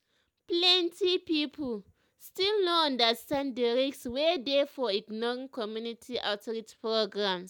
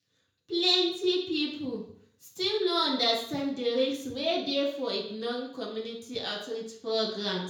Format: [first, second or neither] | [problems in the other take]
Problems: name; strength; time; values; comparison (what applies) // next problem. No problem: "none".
first | room echo; dies away in 0.5 s